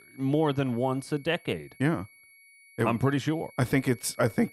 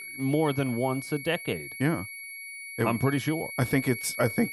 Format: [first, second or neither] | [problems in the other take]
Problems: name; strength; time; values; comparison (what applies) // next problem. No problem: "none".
first | high-pitched whine; loud; throughout; 2 kHz, 9 dB below the speech; faint in the first